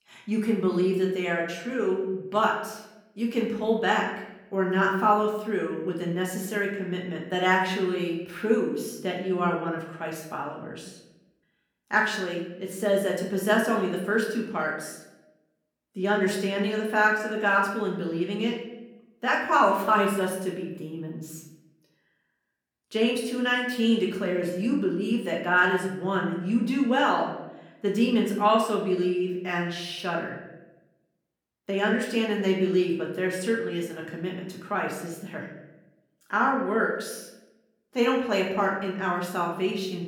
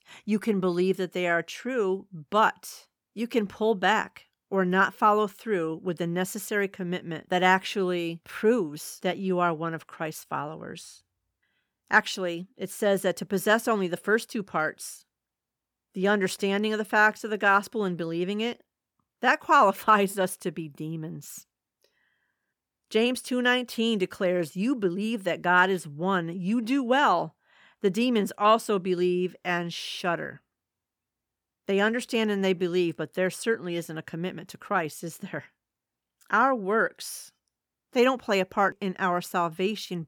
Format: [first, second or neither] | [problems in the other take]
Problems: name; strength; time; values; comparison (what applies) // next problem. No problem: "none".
second | room echo; noticeable; dies away in 0.8 s // off-mic speech; far